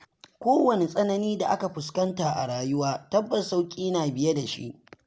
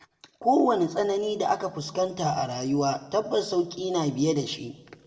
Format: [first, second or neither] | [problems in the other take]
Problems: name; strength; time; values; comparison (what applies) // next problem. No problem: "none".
first | room echo; dies away in 0.8 s